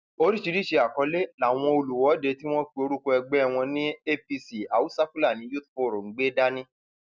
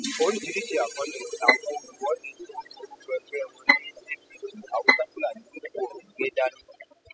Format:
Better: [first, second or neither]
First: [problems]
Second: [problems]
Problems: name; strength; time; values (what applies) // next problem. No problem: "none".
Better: first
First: none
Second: noise reduction (classical method spectral subtraction)